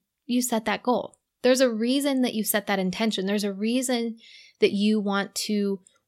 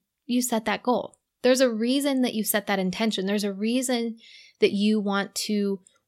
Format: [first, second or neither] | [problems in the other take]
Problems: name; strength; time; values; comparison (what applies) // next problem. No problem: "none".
neither | none